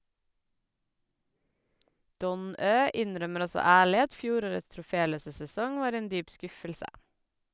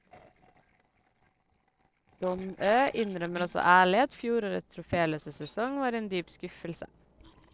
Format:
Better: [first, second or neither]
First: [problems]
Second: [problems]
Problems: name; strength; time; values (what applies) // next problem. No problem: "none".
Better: first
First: none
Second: noise reduction (neural separator model SepFormer DNS4)